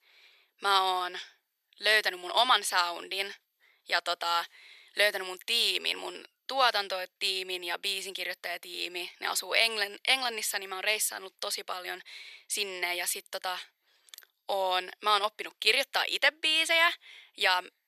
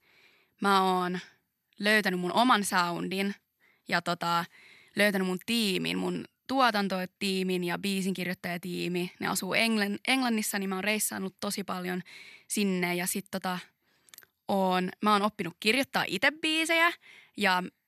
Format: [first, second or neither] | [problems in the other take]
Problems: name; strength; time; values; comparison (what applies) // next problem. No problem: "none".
second | thin; very; fading below 450 Hz